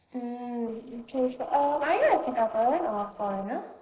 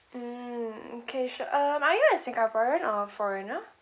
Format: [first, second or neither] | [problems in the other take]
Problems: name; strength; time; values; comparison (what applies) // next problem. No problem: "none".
second | noise reduction (neural separator model SepFormer DNS4)